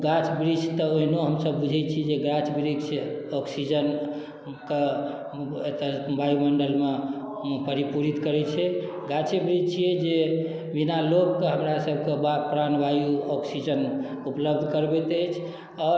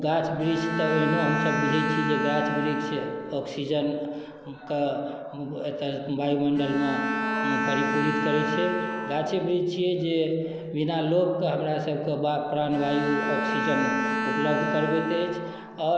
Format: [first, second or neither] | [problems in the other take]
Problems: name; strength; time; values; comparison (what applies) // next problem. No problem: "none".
first | background sound (Bowed string instrument); 4 dB below the speech